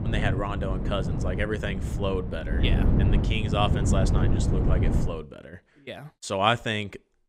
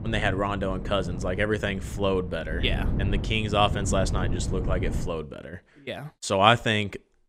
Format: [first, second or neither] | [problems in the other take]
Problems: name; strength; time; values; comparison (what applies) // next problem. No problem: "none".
second | wind noise on the microphone; heavy; until 5 s; 6 dB below the speech; occasional gusts in the second